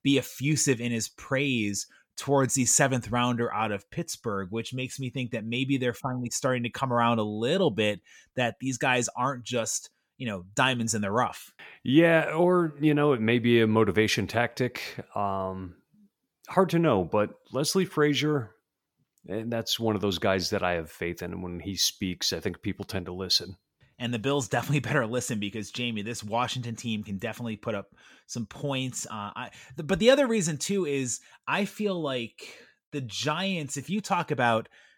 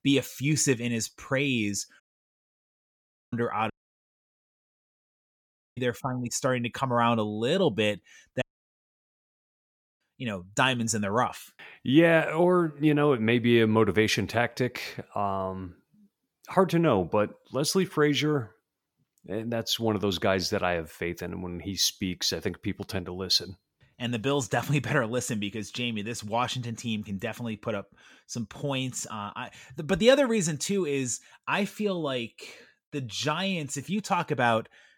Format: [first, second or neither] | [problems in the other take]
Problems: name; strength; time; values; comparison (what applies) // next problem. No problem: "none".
first | audio cutting out; at 2 s for 1.5 s, at 3.5 s for 2 s and at 8.5 s for 1.5 s